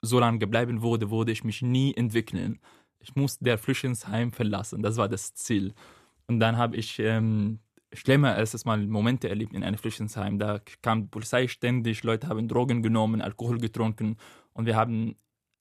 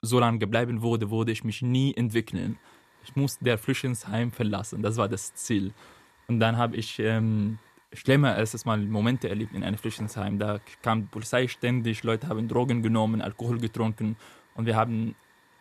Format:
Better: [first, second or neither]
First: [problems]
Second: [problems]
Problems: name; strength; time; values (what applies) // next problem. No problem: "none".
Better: first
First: none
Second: hiss; faint; from 2.5 s on; 30 dB below the speech